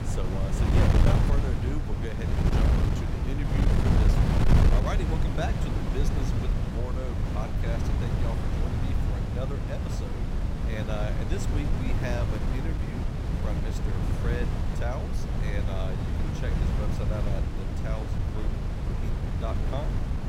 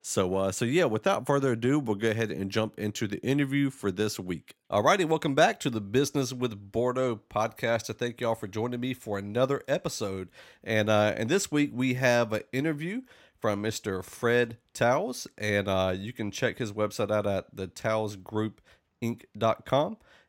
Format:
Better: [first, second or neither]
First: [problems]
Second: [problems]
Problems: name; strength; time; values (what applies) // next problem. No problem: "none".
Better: second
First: wind noise on the microphone; heavy; 2 dB above the speech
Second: none